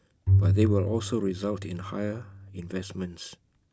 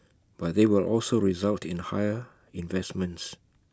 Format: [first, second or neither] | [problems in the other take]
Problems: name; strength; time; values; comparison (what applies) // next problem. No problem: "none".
second | background sound (Bowed string instrument); 4 dB above the speech